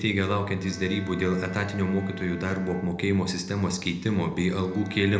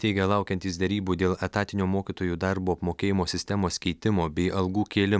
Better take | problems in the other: second | background sound (Bowed string instrument); 19 dB below the speech // room echo; dies away in 0.7 s

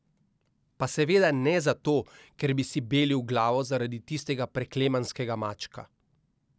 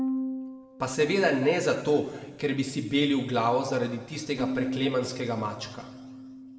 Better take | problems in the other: first | background sound (Bowed string instrument); 9 dB below the speech // room echo; dies away in 1.6 s

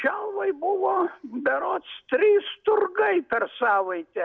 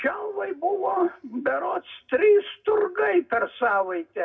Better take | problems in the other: first | room echo; dies away in 0.2 s

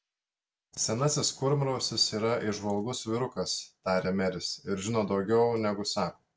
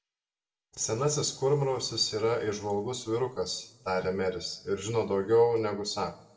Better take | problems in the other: first | room echo; dies away in 0.9 s

